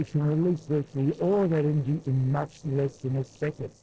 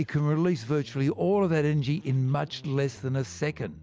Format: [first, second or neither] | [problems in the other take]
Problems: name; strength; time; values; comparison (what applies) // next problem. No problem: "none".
second | noise reduction (neural separator model SepFormer DNS4)